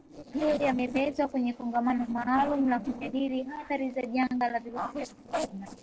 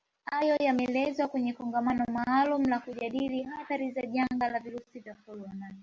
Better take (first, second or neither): second